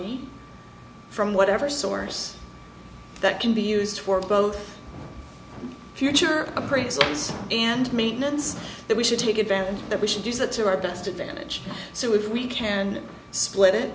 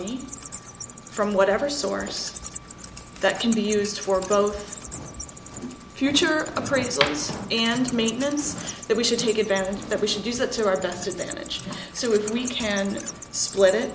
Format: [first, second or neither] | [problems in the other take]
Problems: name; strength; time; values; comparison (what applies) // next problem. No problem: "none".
first | background sound (Wild animals); 14 dB below the speech